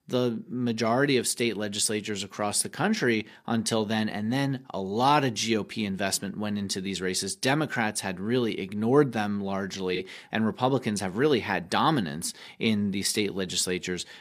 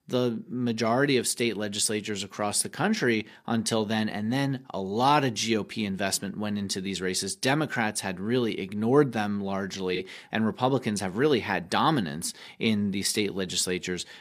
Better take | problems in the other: neither | none

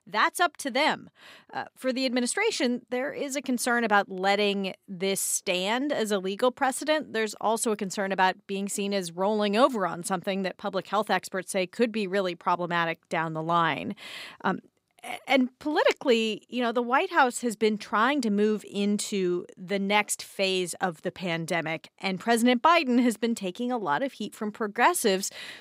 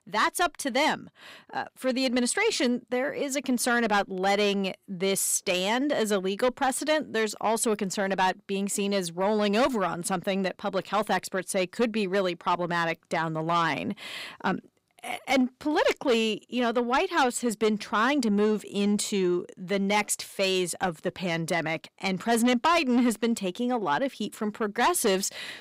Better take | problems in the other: first | distortion; slight; 10 dB below the speech

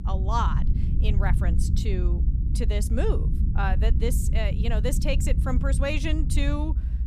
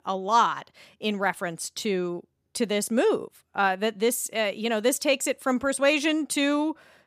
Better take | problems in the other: second | low rumble; loud; throughout; 9 dB below the speech

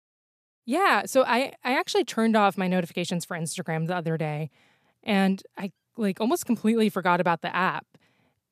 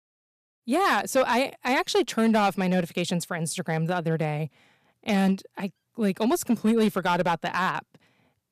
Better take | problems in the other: first | distortion; slight; 4% of the sound clipped

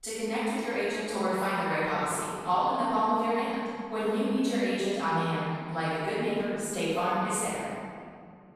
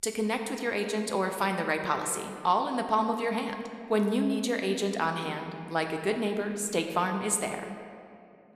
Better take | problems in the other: second | room echo; strong; dies away in 2.3 s; slight in the second // off-mic speech; far

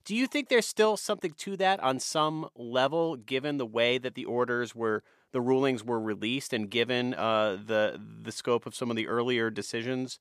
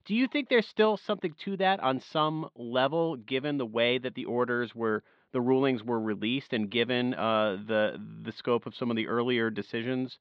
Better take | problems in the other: first | muffled; slightly; fading above 4 kHz

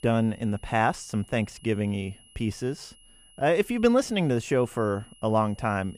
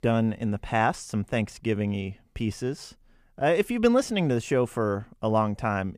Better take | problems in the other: second | high-pitched whine; faint; throughout; 3 kHz, 25 dB below the speech

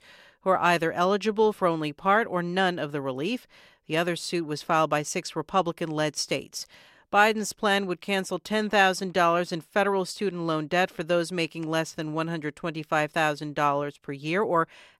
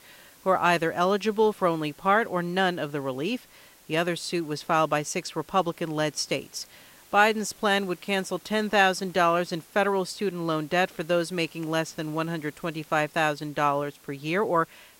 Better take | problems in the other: first | hiss; faint; throughout; 25 dB below the speech

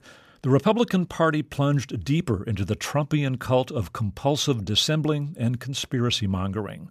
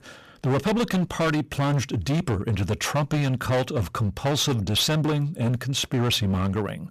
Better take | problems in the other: first | distortion; heavy; 20% of the sound clipped

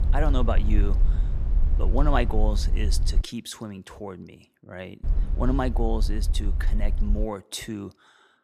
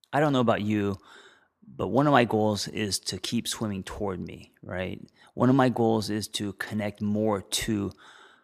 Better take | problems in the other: second | low rumble; noticeable; until 3 s and from 5 to 7 s; 15 dB below the speech

